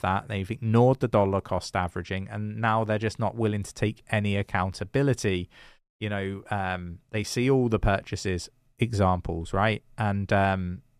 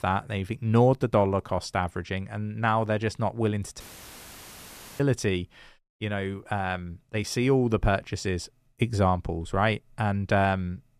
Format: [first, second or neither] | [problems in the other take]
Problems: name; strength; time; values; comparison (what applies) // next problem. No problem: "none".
first | audio cutting out; filled with static; at 4 s for 1 s